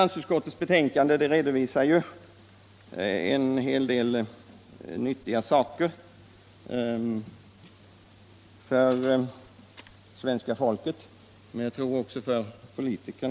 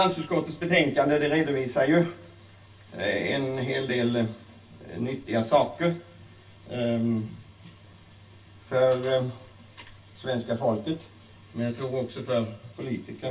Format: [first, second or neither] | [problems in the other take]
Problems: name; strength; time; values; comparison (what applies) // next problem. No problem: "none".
first | room echo; dies away in 0.2 s